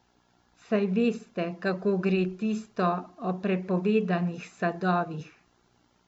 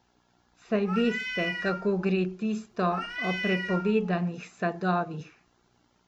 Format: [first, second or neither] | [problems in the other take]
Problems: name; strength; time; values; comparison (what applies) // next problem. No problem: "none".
first | background sound (Meow); 7 dB below the speech